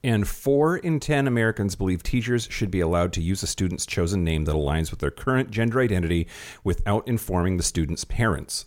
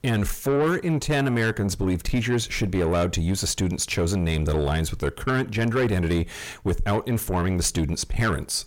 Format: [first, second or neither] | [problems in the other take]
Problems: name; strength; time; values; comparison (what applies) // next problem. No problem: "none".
first | distortion; slight; 10 dB below the speech